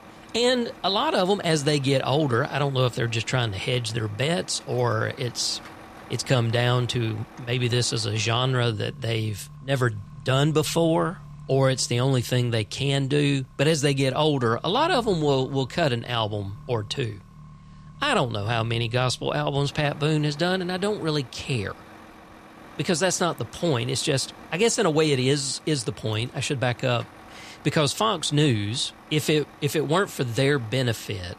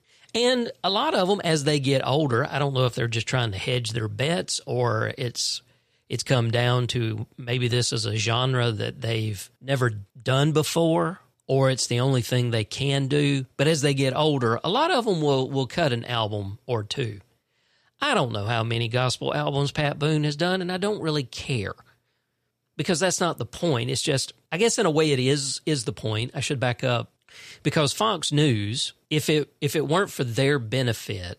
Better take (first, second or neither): second